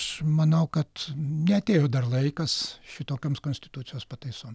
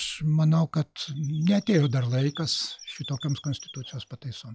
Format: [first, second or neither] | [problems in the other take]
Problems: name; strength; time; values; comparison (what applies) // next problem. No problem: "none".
first | noise reduction (classical method log-MMSE)